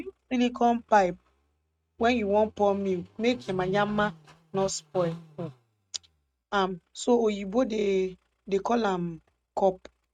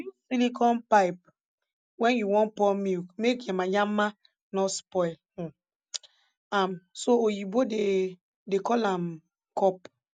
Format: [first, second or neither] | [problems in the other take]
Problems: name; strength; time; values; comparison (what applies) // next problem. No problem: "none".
second | noise reduction (neural mask model RNNoise)